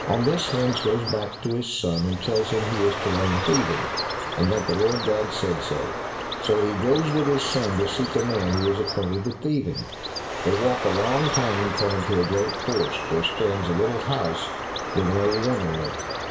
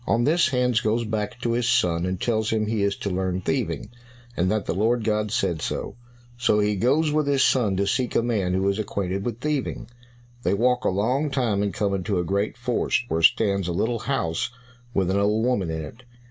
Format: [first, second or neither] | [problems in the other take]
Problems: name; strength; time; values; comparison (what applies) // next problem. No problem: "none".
second | background sound (Bird); 5 dB below the speech // room echo; dies away in 0.9 s